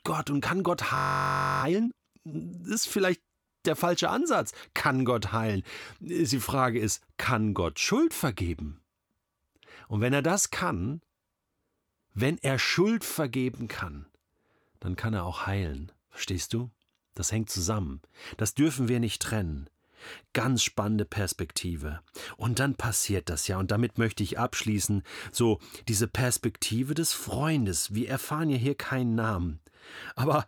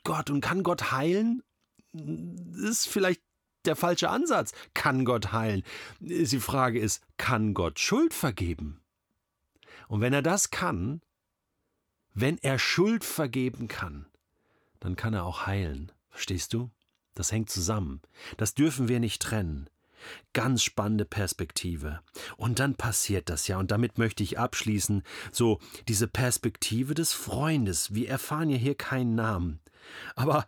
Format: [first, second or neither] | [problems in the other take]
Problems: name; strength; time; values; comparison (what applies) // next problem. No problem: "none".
second | audio freezing; at 1 s for 0.5 s